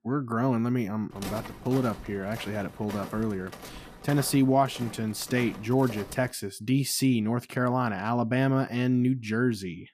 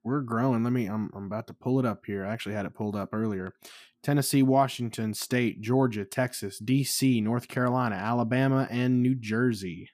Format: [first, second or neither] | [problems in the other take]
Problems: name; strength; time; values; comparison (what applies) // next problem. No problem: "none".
second | footsteps; faint; from 1 to 6.5 s; peak 10 dB below the speech